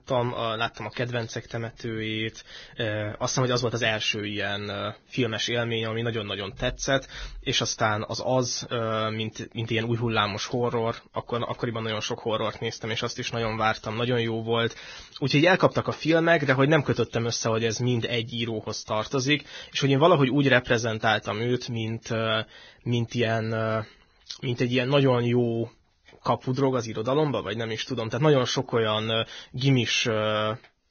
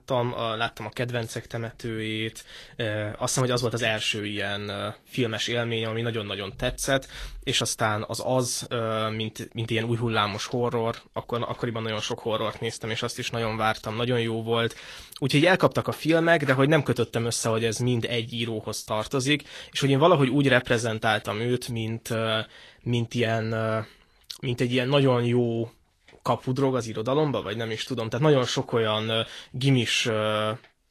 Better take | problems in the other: second | garbled, watery; badly; nothing above 6.5 kHz; slightly in the second

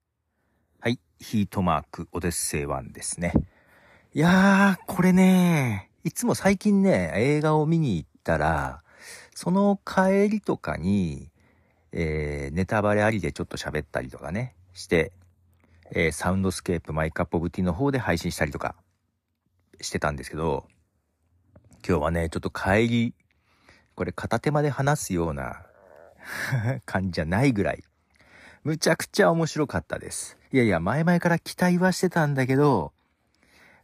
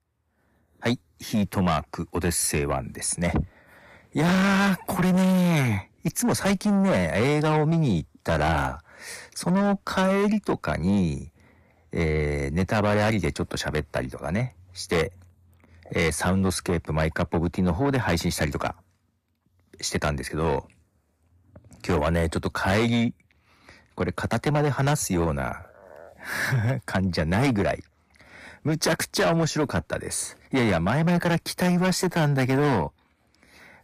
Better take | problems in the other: first | distortion; heavy; 8 dB below the speech

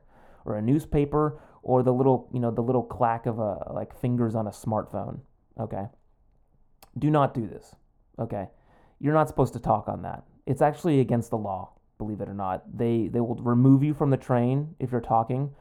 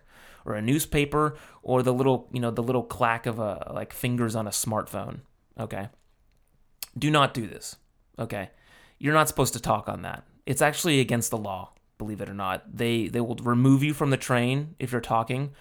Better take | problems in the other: second | muffled; very; fading above 1.5 kHz

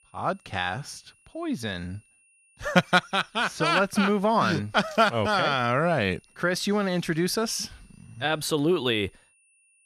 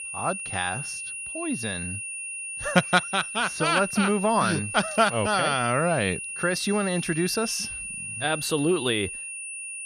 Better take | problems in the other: first | high-pitched whine; loud; throughout; 2.5 kHz, 7 dB below the speech; faint in the first

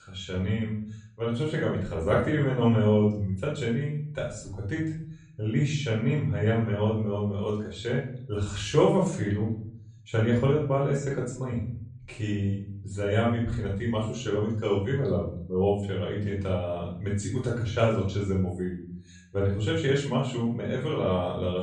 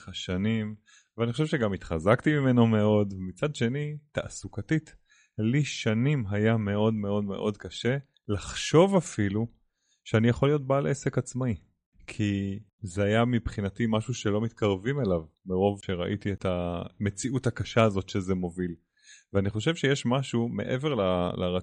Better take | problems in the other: second | off-mic speech; far // room echo; noticeable; dies away in 0.7 s

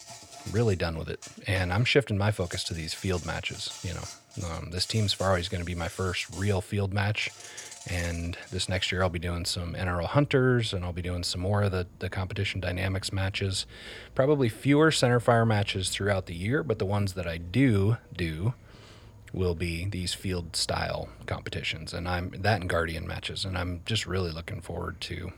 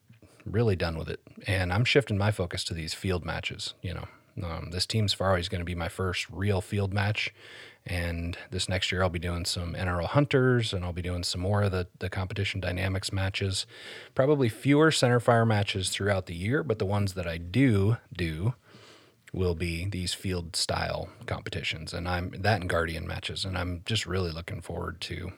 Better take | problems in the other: second | animal sounds; noticeable; throughout; 20 dB below the speech

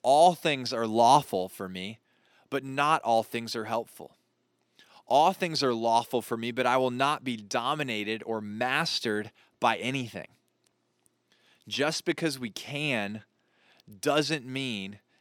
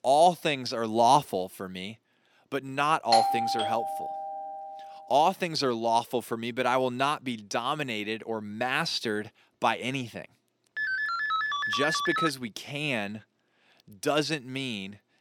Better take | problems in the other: first | doorbell; loud; from 3 to 4.5 s; peak 3 dB above the speech // phone ringing; loud; from 11 to 12 s; peak 1 dB above the speech

